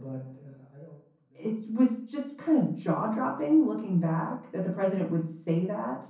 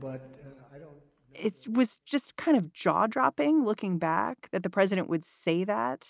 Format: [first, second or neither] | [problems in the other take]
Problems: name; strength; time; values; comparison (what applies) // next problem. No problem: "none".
second | room echo; dies away in 0.6 s